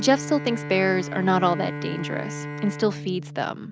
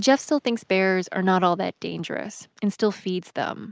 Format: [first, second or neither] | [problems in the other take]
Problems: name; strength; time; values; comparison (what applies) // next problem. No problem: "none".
second | background sound (Bowed string instrument); 8 dB below the speech